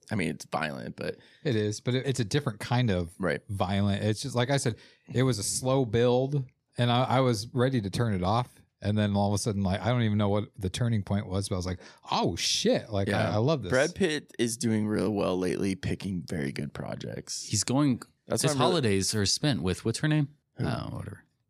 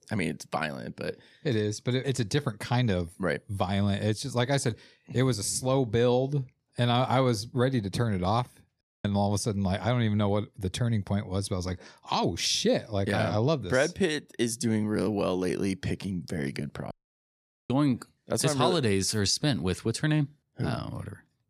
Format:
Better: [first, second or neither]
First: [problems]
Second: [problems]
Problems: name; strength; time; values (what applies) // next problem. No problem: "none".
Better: first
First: none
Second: audio cutting out; at 9 s and at 17 s for 1 s